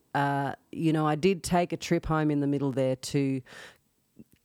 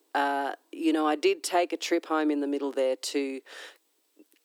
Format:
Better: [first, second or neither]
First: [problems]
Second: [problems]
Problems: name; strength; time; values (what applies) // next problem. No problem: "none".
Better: first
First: none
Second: thin; somewhat; fading below 300 Hz